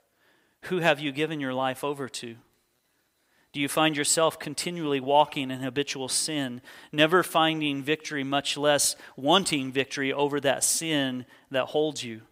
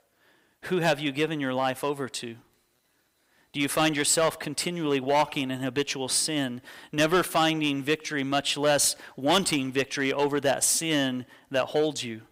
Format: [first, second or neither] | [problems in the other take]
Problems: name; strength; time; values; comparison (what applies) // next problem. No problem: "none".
first | distortion; slight; 3% of the sound clipped